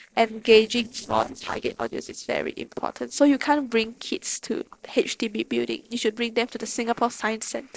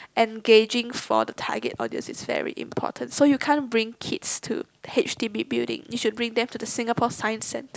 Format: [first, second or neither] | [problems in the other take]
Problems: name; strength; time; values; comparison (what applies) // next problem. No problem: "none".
second | noise reduction (neural separator model SepFormer DNS4)